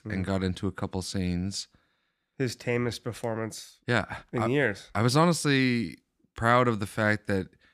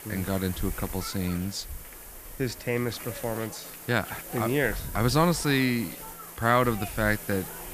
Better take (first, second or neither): first